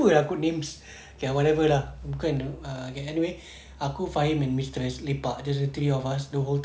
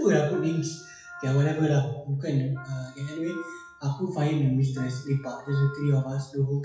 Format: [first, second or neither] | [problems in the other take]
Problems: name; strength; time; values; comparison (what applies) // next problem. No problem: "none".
first | noise reduction (classical method WPE with log-MMSE)